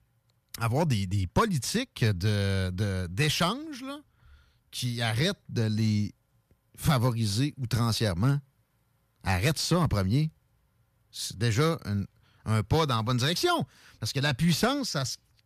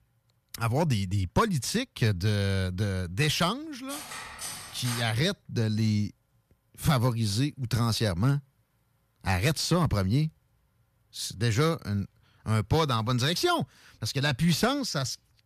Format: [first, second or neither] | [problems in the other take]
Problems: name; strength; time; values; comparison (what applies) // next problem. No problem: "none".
first | clattering dishes; noticeable; from 4 to 5 s; peak 8 dB below the speech